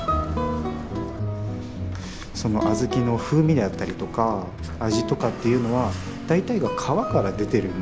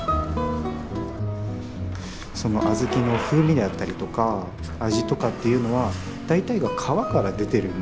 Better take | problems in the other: first | background sound (Bicycle); 18 dB below the speech

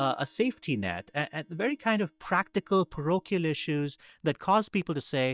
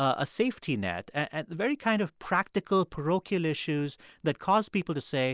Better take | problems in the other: second | noise reduction (neural mask model DeepFilterNet 3)

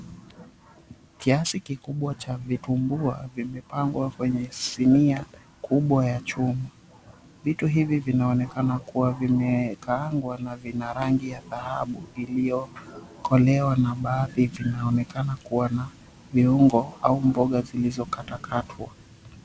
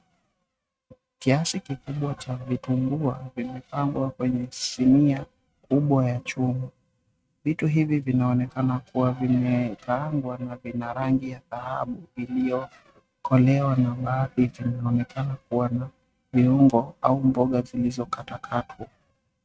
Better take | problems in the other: first | noise reduction (neural mask model RNNoise)

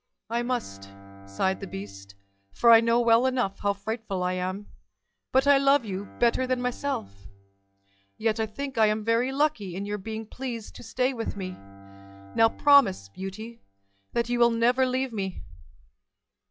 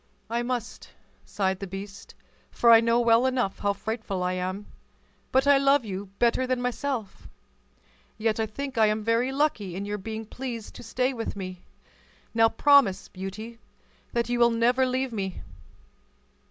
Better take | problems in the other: second | noise reduction (classical method log-MMSE)

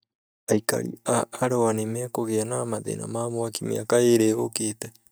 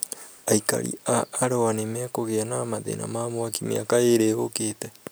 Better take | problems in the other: second | noise reduction (neural mask model DeepFilterNet 3)

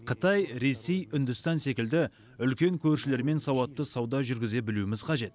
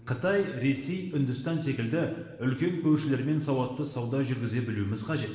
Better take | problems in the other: first | room echo; dies away in 1.4 s

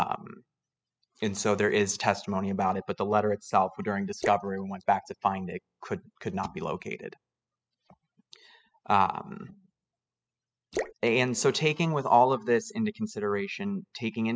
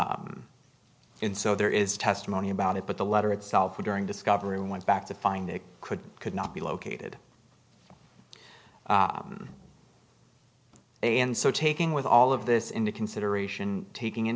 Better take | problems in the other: second | noise reduction (classical method spectral subtraction)

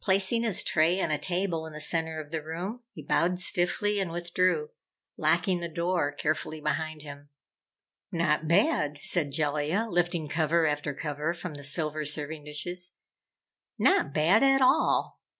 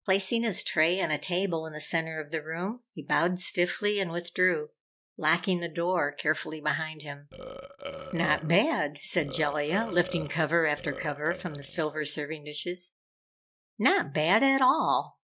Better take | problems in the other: first | noise reduction (neural mask model DeepFilterNet 3)

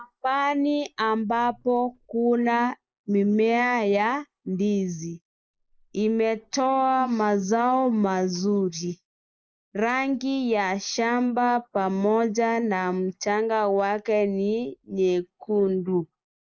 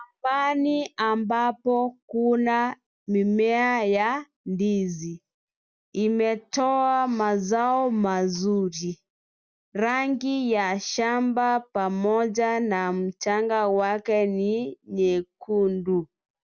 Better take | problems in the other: second | noise reduction (neural mask model Resemble Enhance denoiser)

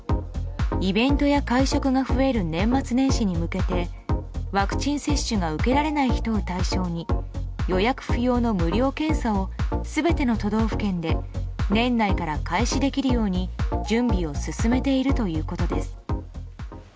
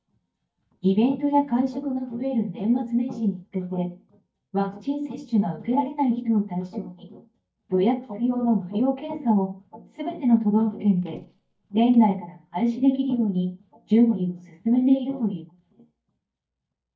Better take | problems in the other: first | noise reduction (neural mask model DeepFilterNet 3)

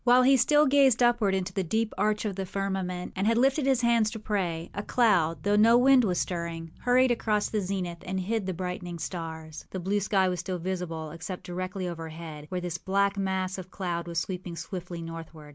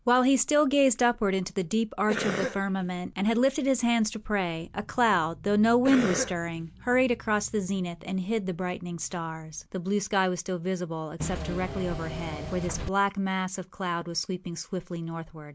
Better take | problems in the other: first | background sound (Cough + Engine / Mechanisms); 7 dB below the speech

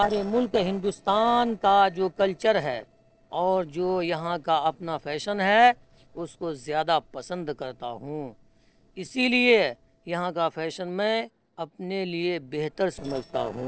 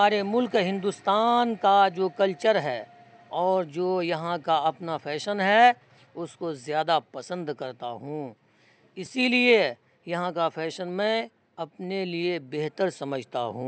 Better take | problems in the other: second | noise reduction (neural separator model SepFormer DNS4)

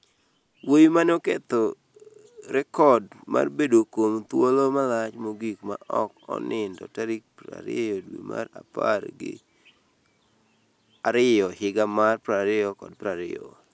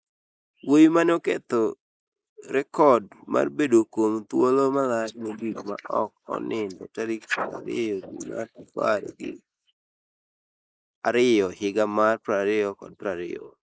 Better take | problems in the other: first | noise reduction (neural mask model Resemble Enhance denoiser)

